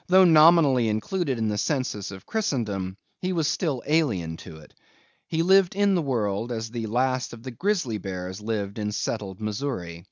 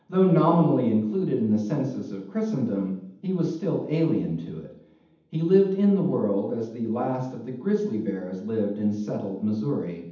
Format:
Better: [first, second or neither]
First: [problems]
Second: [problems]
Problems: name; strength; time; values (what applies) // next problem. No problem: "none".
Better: first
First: none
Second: room echo; dies away in 0.8 s